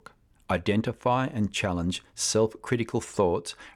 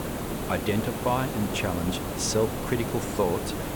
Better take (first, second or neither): first